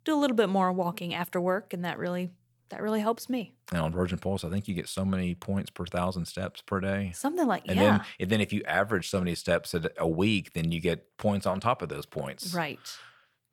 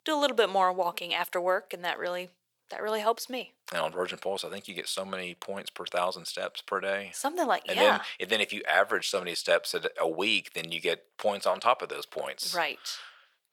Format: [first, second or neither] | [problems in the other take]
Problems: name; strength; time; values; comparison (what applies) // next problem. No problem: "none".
first | thin; very; fading below 550 Hz